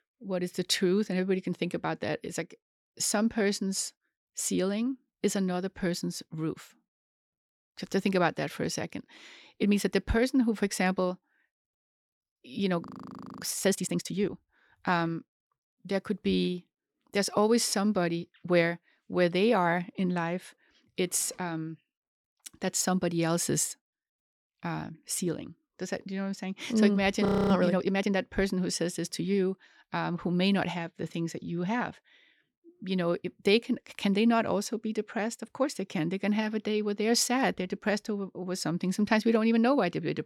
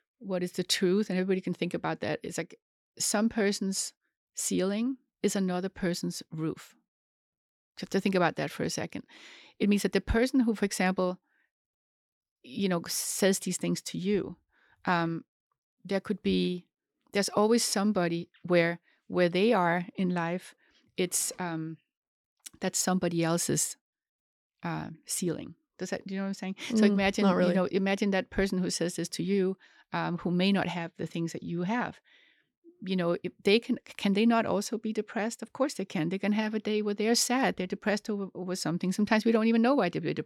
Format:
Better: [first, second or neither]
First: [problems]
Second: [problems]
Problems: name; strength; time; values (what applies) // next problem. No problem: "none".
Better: second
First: audio freezing; at 13 s for 0.5 s and at 27 s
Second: none